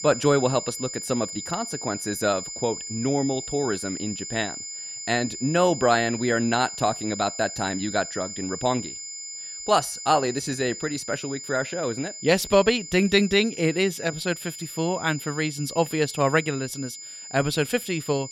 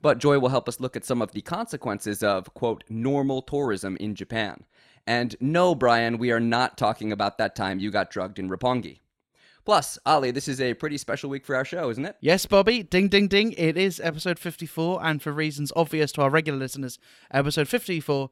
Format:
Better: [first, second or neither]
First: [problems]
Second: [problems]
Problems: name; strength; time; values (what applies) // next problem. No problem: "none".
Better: second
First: high-pitched whine; loud; throughout; 7 kHz, 9 dB below the speech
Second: none